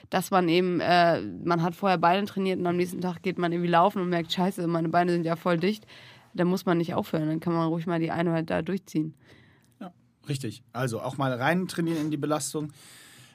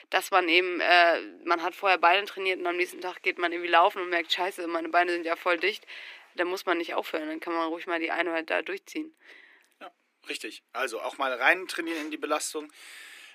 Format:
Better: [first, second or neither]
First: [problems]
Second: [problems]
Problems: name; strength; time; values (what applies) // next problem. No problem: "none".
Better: first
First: none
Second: thin; very; fading below 350 Hz